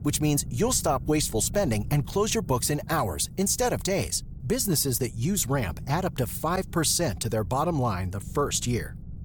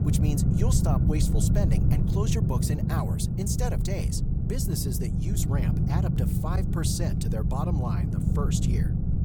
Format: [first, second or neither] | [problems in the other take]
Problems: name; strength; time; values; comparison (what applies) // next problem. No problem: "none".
first | low rumble; loud; throughout; 1 dB below the speech; faint in the first